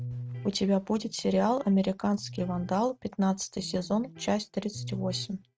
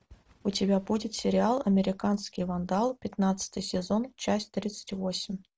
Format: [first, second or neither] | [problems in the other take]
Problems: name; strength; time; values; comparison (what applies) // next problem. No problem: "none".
second | noise reduction (neural mask model RNNoise)